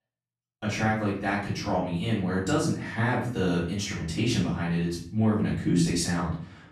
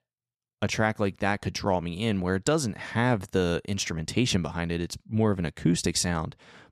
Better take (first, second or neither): second